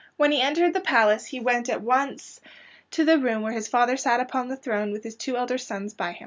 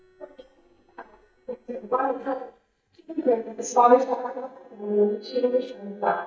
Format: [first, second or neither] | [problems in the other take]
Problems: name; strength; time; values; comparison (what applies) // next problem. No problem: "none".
first | noise reduction (neural mask model DeepFilterNet 3)